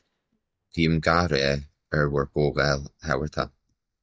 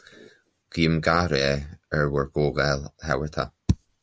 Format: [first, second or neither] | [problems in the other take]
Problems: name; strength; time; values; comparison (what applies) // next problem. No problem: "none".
second | noise reduction (neural mask model DeepFilterNet 3)